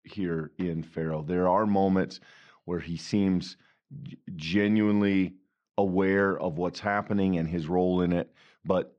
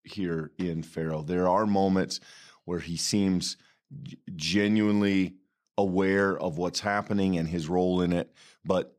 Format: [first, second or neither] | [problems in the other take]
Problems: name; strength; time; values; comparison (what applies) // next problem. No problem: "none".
second | muffled; slightly; fading above 3 kHz